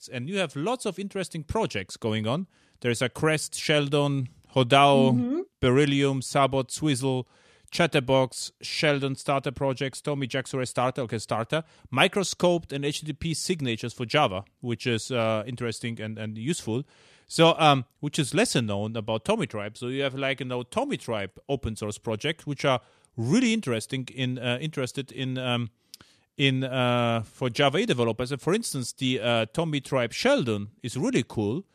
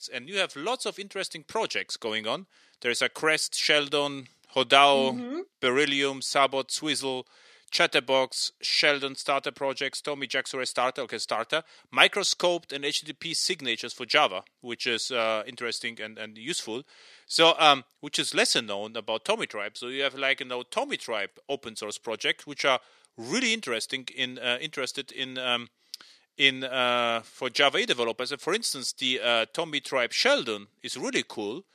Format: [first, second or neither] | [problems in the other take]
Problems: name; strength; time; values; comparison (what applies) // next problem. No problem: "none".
first | thin; somewhat; fading below 350 Hz